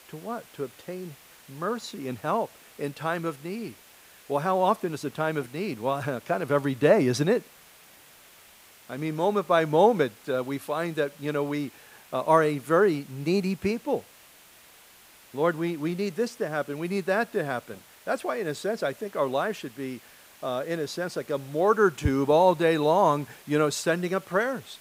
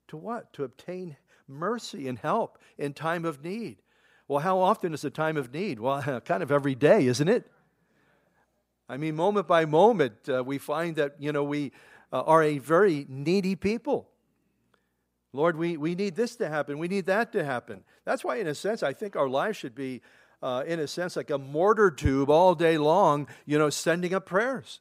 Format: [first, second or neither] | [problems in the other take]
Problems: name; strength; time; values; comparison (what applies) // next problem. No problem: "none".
second | hiss; faint; throughout; 25 dB below the speech